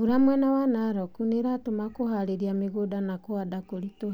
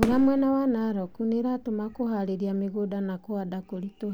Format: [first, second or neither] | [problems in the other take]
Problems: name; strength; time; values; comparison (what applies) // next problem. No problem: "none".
first | background sound (Fireworks); 11 dB below the speech